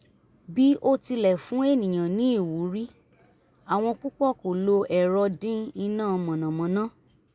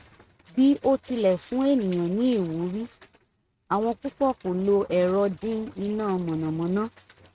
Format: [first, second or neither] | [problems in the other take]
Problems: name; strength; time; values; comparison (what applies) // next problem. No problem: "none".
first | noise reduction (neural mask model RNNoise)